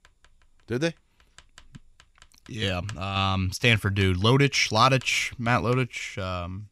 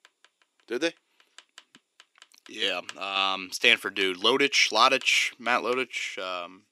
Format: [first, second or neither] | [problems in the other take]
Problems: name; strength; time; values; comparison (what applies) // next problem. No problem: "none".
first | thin; somewhat; fading below 300 Hz